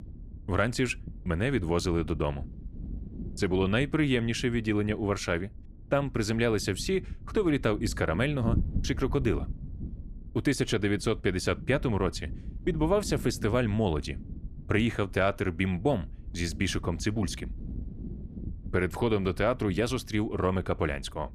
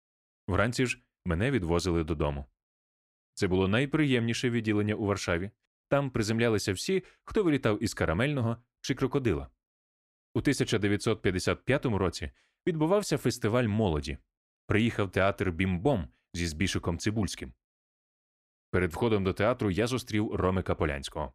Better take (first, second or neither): second